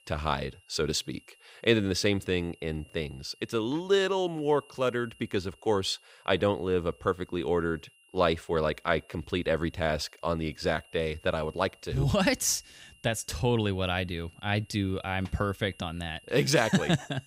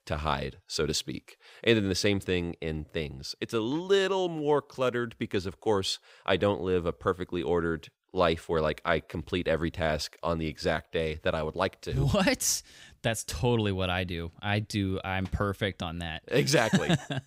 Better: second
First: high-pitched whine; faint; throughout; 3 kHz, 30 dB below the speech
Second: none

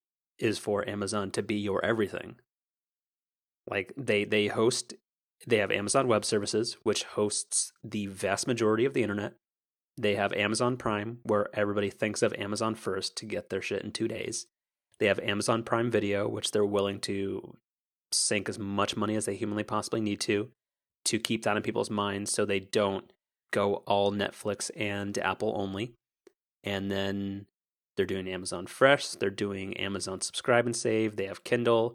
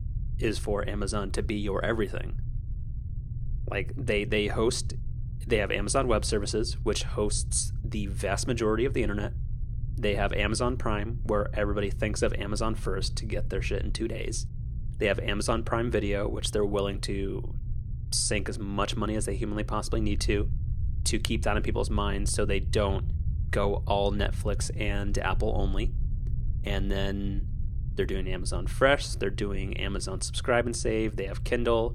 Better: first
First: none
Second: low rumble; faint; throughout; 20 dB below the speech

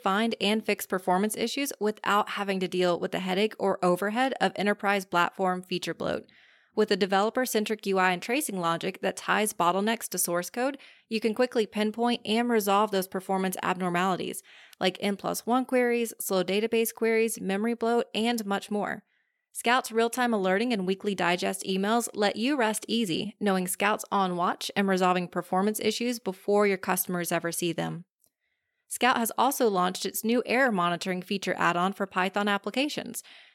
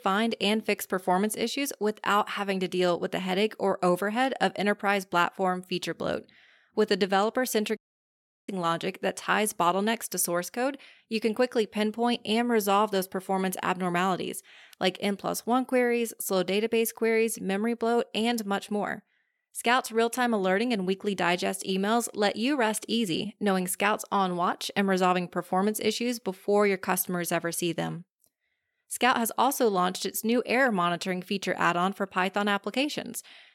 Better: first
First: none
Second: audio cutting out; at 8 s for 0.5 s

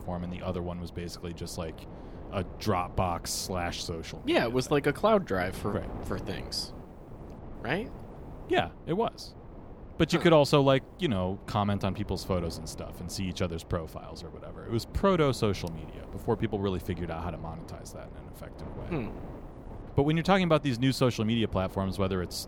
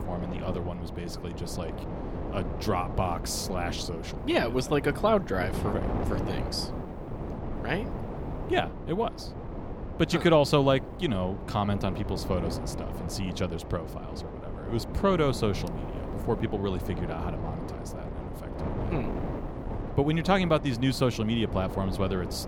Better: first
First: wind noise on the microphone; occasional gusts; 20 dB below the speech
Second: wind noise on the microphone; heavy; 10 dB below the speech

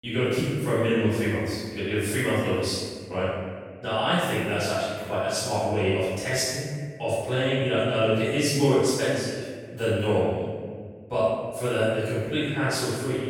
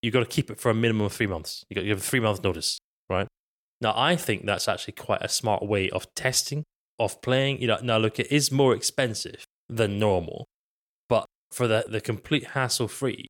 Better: second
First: off-mic speech; far // room echo; strong; dies away in 1.5 s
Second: none

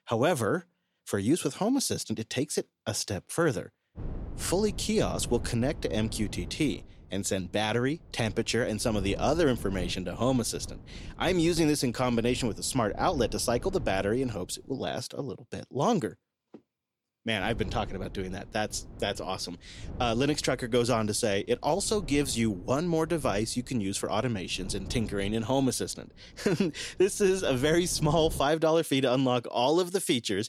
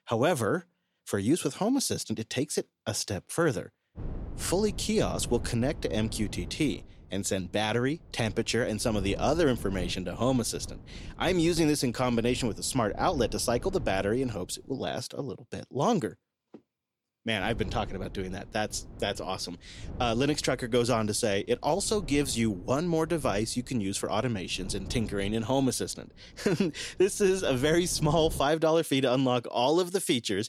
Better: neither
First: wind noise on the microphone; occasional gusts; from 4 to 15 s and from 17 to 28 s; 20 dB below the speech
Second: wind noise on the microphone; occasional gusts; from 4 to 15 s and from 17 to 28 s; 20 dB below the speech

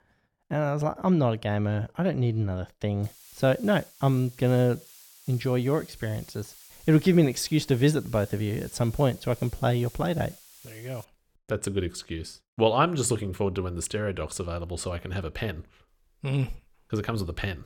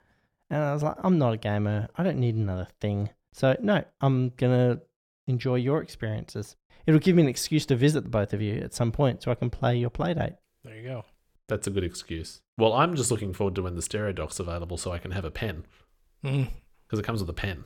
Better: second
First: hiss; faint; from 3 to 11 s; 20 dB below the speech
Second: none

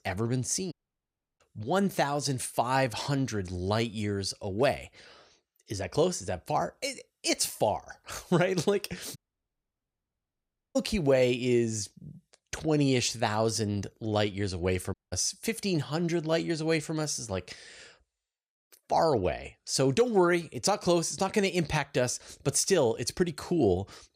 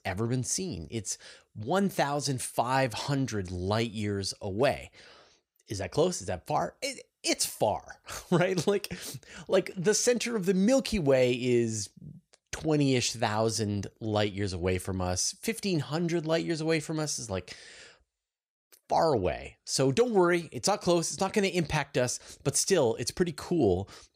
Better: second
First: audio cutting out; at 0.5 s for 0.5 s, at 9 s for 1.5 s and at 15 s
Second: none

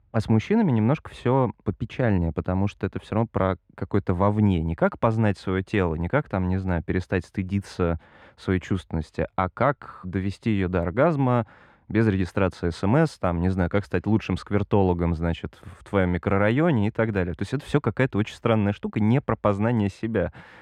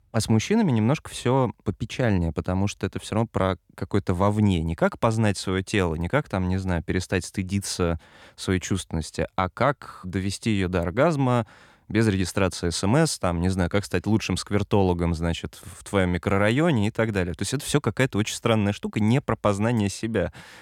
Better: second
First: muffled; slightly; fading above 4 kHz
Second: none

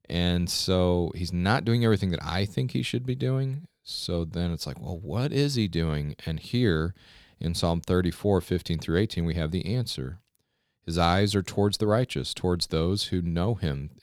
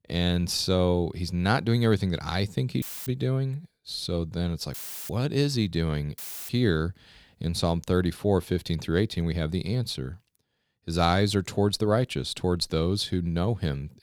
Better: first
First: none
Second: audio cutting out; filled with static; at 3 s, at 4.5 s and at 6 s

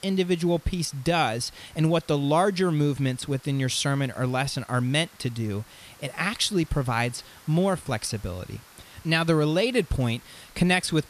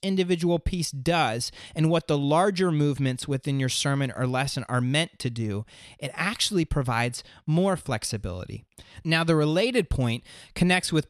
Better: second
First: hiss; faint; throughout; 25 dB below the speech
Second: none

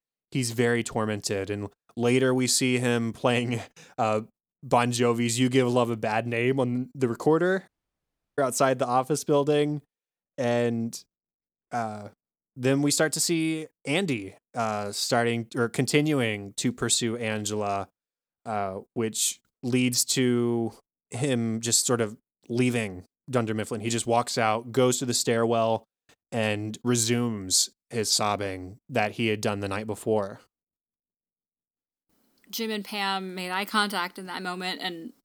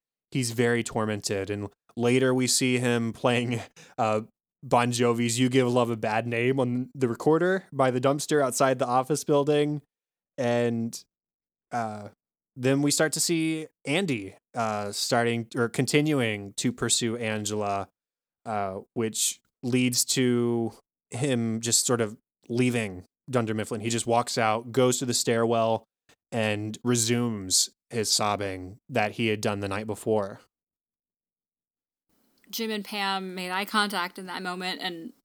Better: second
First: audio cutting out; at 7.5 s for 0.5 s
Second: none

